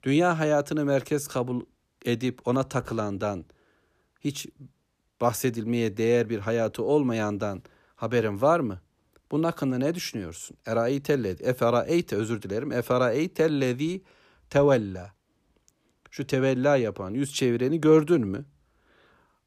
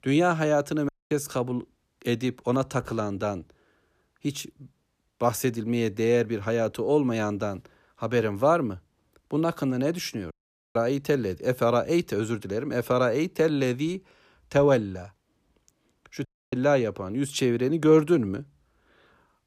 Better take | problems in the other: first | audio cutting out; at 1 s, at 10 s and at 16 s

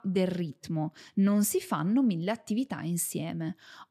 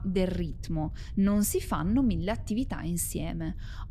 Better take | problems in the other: first | wind noise on the microphone; occasional gusts; 25 dB below the speech

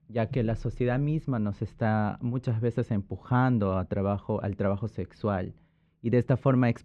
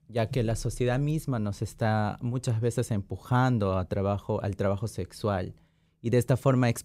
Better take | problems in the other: second | muffled; slightly; fading above 2.5 kHz

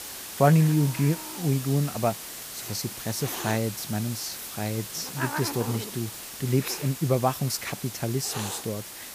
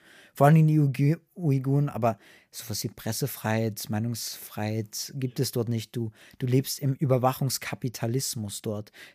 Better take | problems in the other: second | hiss; loud; throughout; 8 dB below the speech

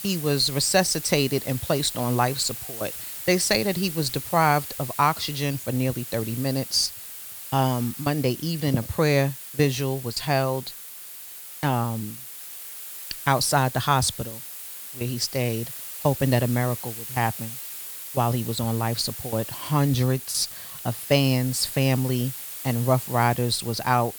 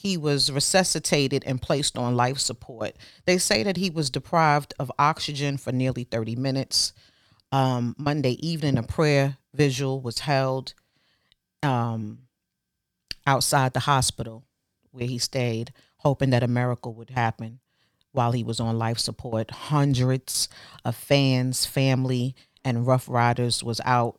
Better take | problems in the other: second | hiss; loud; throughout; 9 dB below the speech

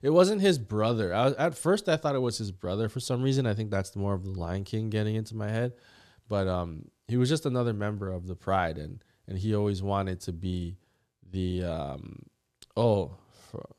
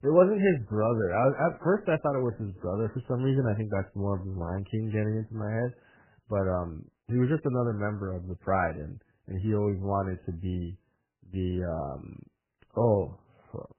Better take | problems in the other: first | garbled, watery; badly; nothing above 3 kHz

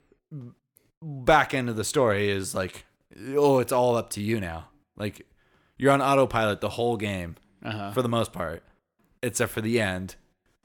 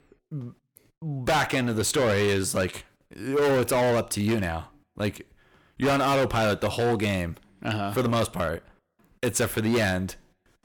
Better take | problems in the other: first | distortion; heavy; 13% of the sound clipped

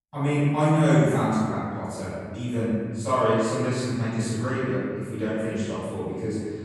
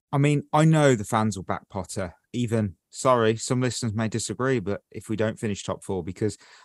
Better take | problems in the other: second | off-mic speech; far // room echo; strong; dies away in 1.8 s

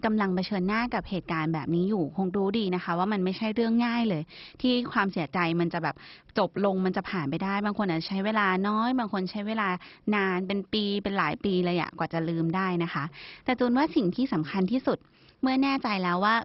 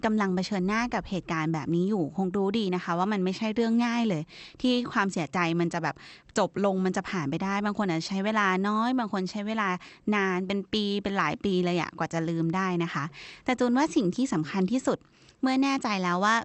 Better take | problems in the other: second | garbled, watery; badly; nothing above 5.5 kHz; slightly in the second

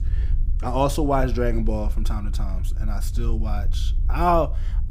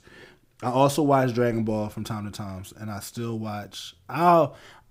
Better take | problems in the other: second | low rumble; faint; throughout; 25 dB below the speech

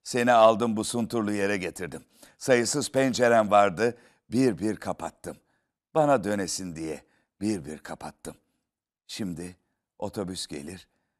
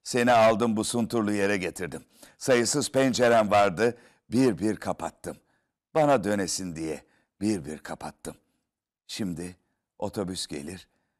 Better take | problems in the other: first | distortion; slight; 2% of the sound clipped

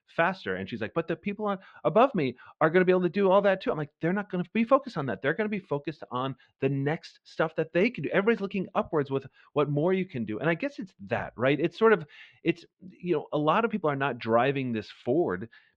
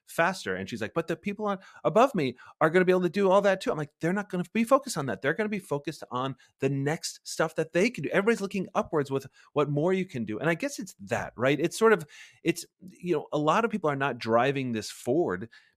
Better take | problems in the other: second | muffled; slightly; fading above 3.5 kHz

